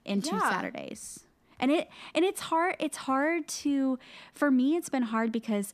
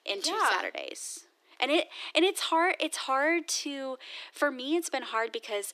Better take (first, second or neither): first